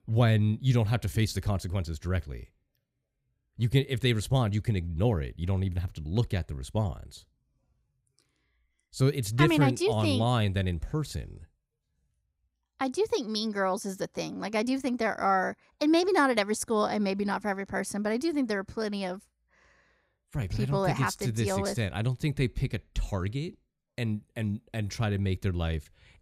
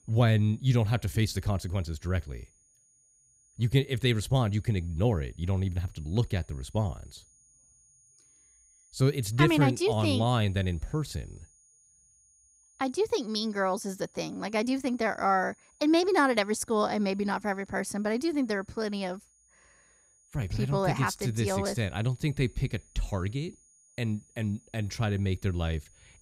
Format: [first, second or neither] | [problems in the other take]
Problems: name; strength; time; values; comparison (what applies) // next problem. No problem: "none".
first | high-pitched whine; faint; throughout; 6.5 kHz, 30 dB below the speech